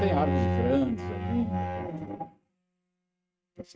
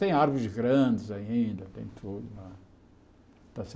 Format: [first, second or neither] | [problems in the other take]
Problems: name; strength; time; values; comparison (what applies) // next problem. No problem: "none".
second | noise reduction (neural mask model RNNoise)